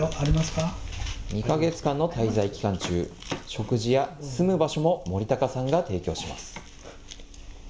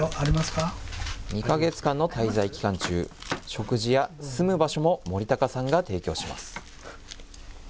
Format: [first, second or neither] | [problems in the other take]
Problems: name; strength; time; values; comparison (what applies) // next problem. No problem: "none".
second | room echo; dies away in 0.6 s